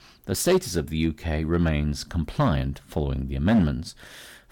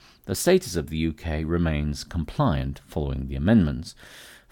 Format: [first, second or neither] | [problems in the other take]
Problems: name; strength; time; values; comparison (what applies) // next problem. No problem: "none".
second | distortion; slight; 3% of the sound clipped